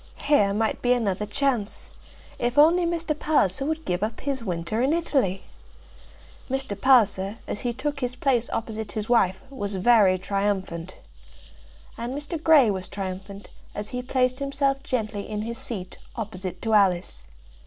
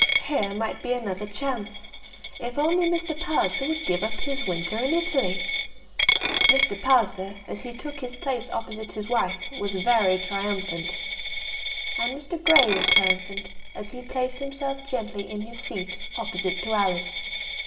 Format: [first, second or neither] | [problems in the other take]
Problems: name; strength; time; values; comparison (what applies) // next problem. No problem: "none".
first | background sound (Coin (dropping)); 2 dB below the speech // room echo; dies away in 1.4 s